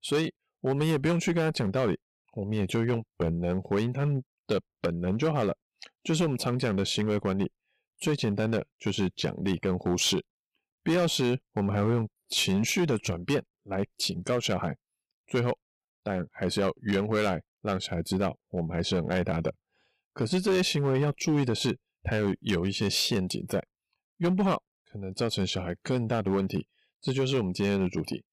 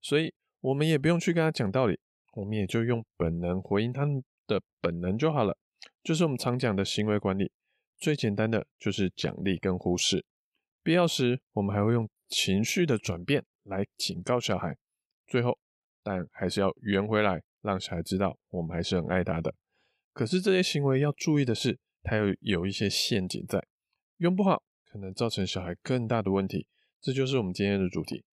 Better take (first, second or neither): second